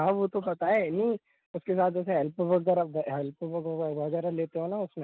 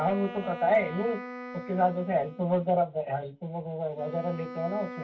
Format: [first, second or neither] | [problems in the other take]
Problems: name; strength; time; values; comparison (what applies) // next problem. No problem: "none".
first | background sound (Wind instrument, woodwind instrument); 13 dB below the speech // room echo; dies away in 0.2 s